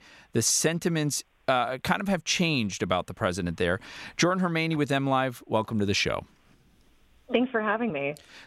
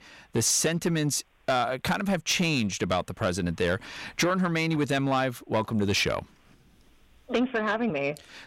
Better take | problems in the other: first | distortion; slight; 10 dB below the speech

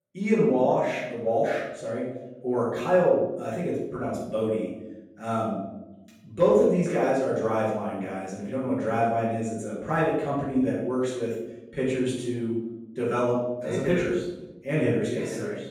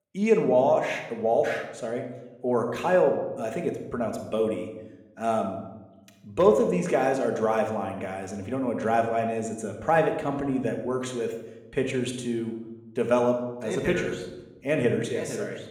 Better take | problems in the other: second | room echo; strong; dies away in 1 s; slight in the second // off-mic speech; far

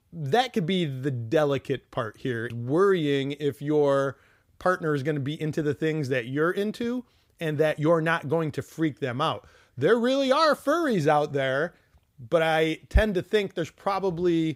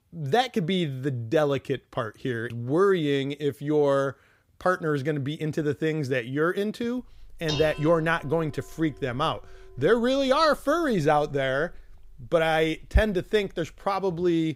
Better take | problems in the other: first | clattering dishes; noticeable; from 7 to 14 s; peak 7 dB below the speech

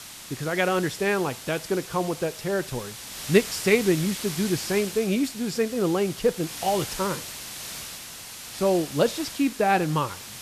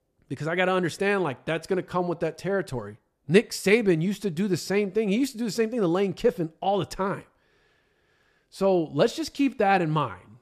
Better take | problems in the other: second | hiss; loud; throughout; 10 dB below the speech

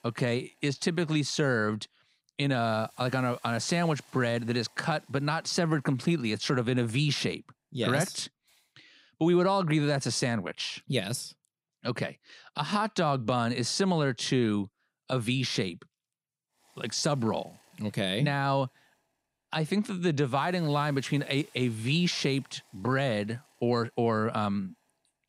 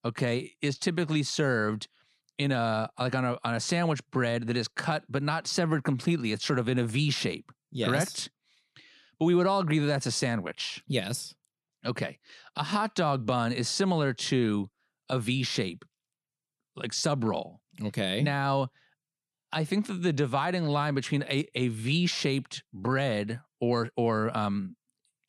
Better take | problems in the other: second | hiss; faint; until 8.5 s and from 17 s on; 30 dB below the speech

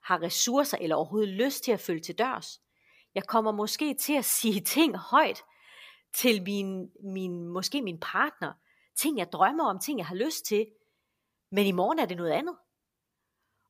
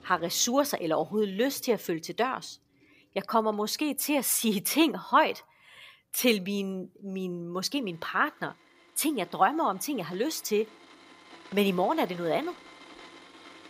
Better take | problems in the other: first | household noises; faint; throughout; 25 dB below the speech

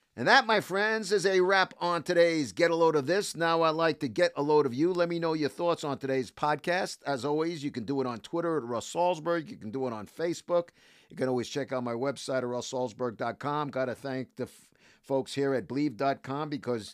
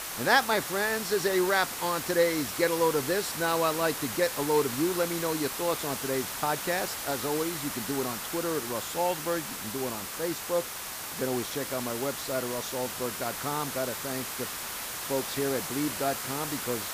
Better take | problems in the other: first | hiss; loud; throughout; 4 dB below the speech

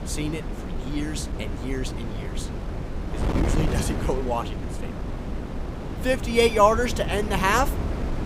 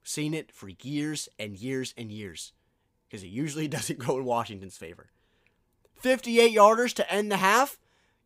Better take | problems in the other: second | wind noise on the microphone; occasional gusts; 10 dB below the speech

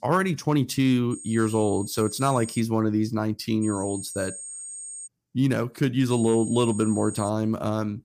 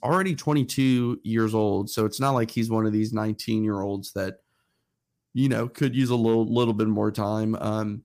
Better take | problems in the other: second | high-pitched whine; noticeable; from 1 to 2.5 s, from 3.5 to 5 s and from 6 to 7.5 s; 8.5 kHz, 10 dB below the speech

